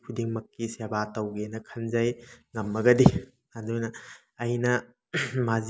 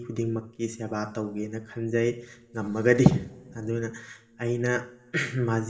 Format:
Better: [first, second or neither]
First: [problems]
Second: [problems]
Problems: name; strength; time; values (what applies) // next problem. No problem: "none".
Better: first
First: none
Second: room echo; dies away in 1.3 s